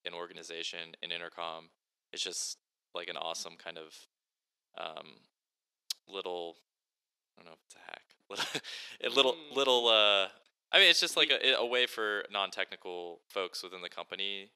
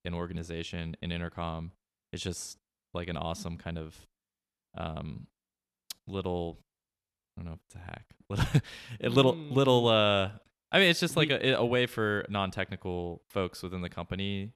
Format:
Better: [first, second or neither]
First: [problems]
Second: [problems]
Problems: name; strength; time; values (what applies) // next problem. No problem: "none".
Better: second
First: thin; very; fading below 400 Hz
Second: none